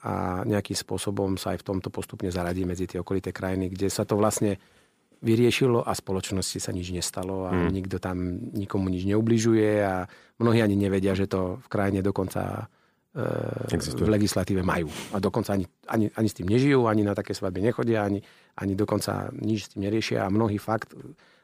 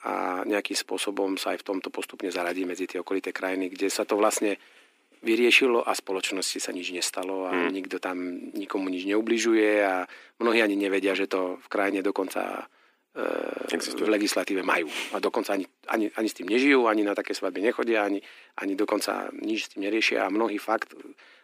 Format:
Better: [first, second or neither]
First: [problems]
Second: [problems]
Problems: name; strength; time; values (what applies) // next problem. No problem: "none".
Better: first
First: none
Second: thin; somewhat; fading below 250 Hz